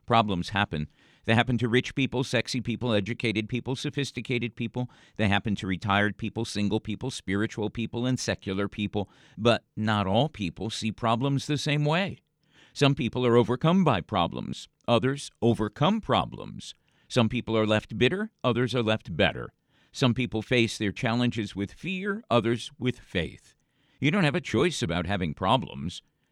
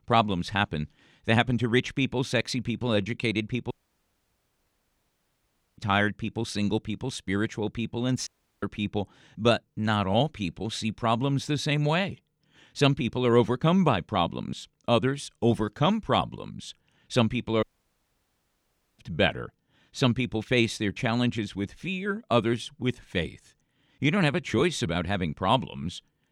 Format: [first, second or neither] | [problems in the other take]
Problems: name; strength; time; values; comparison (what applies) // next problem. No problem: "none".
first | audio cutting out; at 3.5 s for 2 s, at 8.5 s and at 18 s for 1.5 s